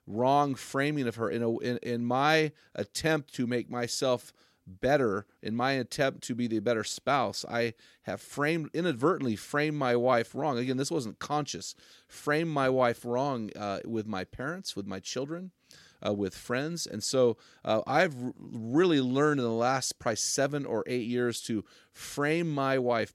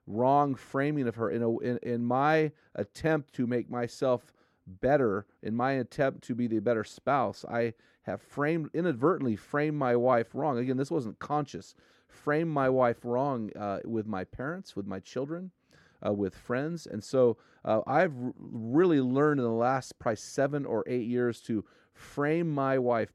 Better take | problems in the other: first | muffled; slightly; fading above 2.5 kHz

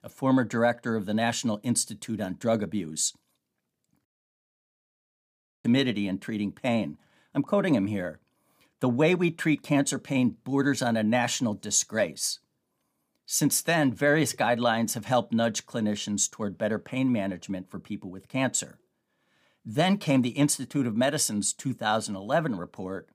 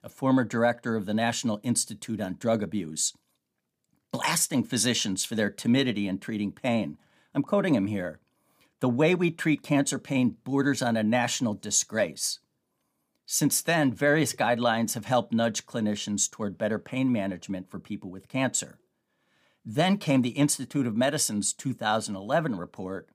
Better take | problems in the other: second | audio cutting out; at 4 s for 1.5 s

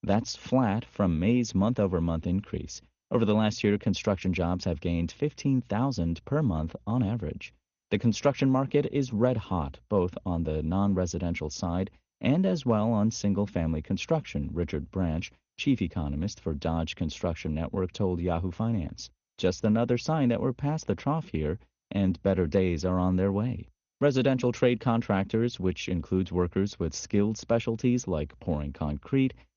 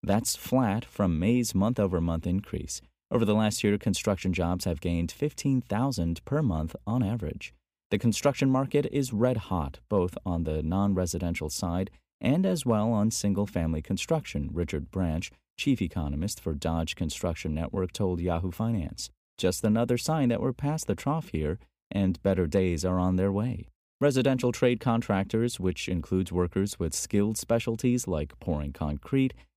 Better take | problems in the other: second | garbled, watery; slightly; nothing above 6.5 kHz

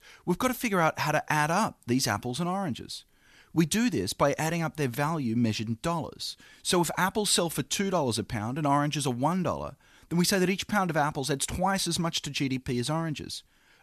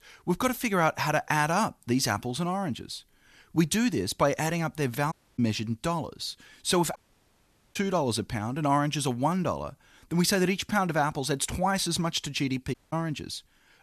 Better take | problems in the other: first | audio cutting out; at 5 s, at 7 s for 1 s and at 13 s

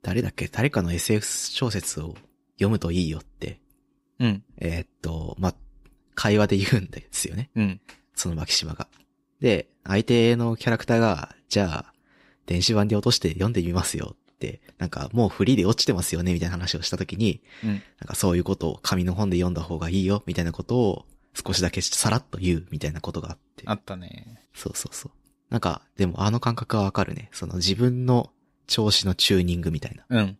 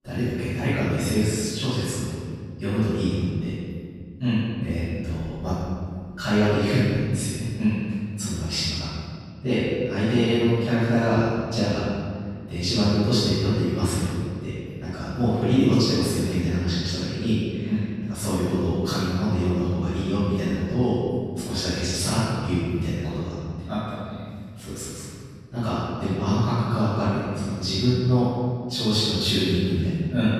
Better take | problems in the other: first | off-mic speech; far // room echo; strong; dies away in 2 s

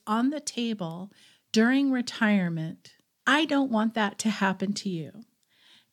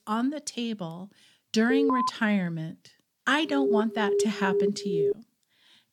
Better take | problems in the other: first | alarm; loud; at 1.5 s and from 3.5 to 5 s; peak 2 dB above the speech

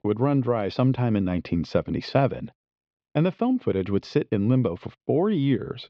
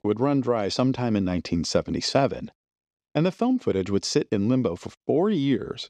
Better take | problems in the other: second | muffled; slightly; fading above 3.5 kHz

